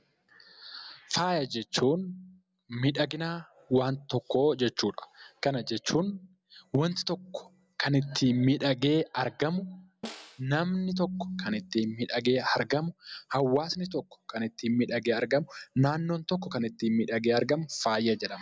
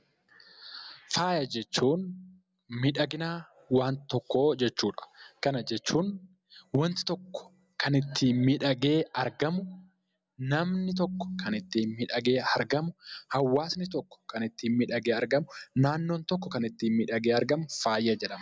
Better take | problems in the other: second | background sound (Snare drum); 18 dB below the speech

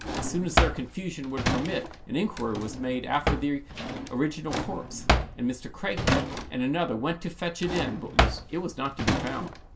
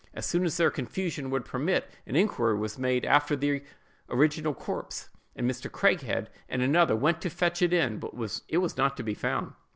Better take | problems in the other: second | background sound (Drawer open or close); 1 dB above the speech // room echo; dies away in 0.2 s

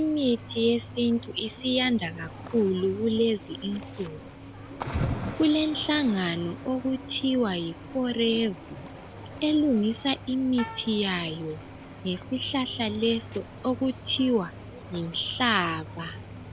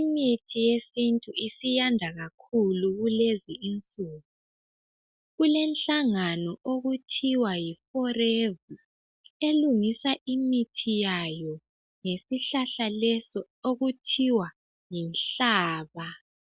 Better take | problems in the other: second | background sound (Cricket / Waves, surf + Bowed string instrument); 12 dB below the speech

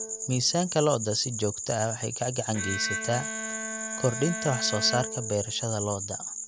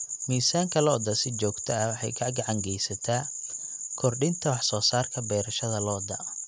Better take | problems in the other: second | background sound (Bowed string instrument); 10 dB below the speech

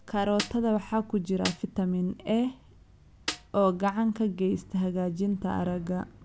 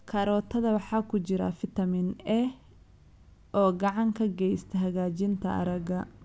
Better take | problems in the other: second | background sound (Snare drum); 9 dB below the speech

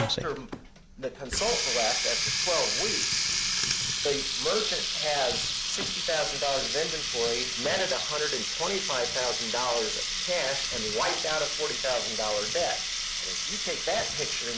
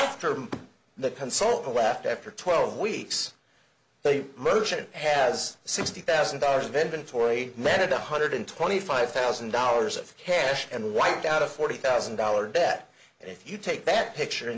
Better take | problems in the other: second | background sound (Water tap, faucet); 1 dB above the speech

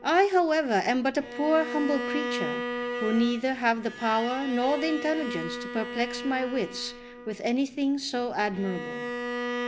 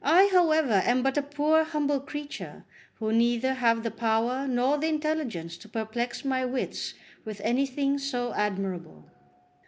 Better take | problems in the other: second | background sound (Bowed string instrument); 8 dB below the speech

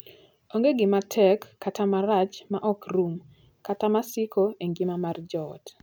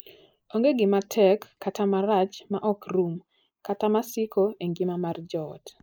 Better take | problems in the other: first | noise reduction (neural mask model Resemble Enhance denoiser)

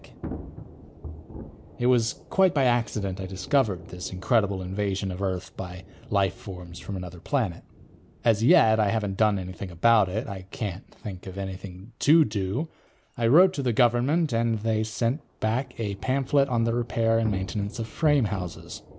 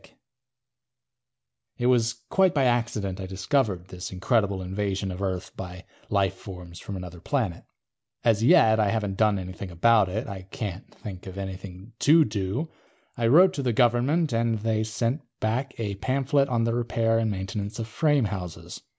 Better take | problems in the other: second | background sound (Thunder / Rain); 18 dB below the speech

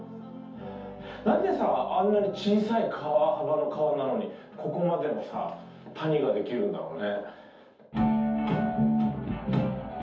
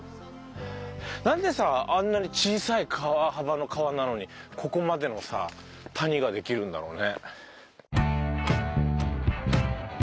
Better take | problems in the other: second | room echo; dies away in 0.6 s

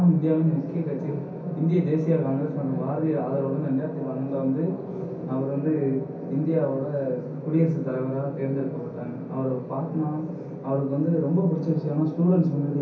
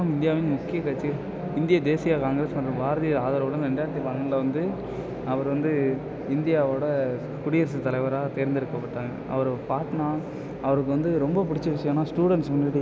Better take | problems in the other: second | room echo; dies away in 0.6 s

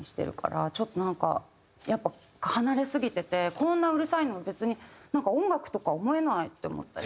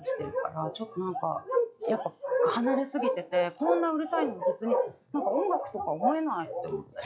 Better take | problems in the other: first | noise reduction (classical method log-MMSE)

